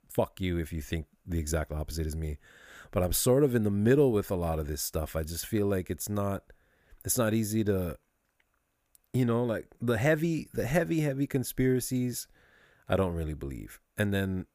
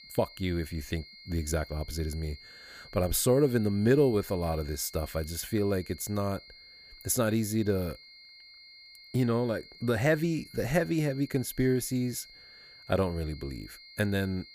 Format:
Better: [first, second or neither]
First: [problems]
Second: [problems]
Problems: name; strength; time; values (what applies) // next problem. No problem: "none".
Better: first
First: none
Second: high-pitched whine; noticeable; throughout; 4 kHz, 20 dB below the speech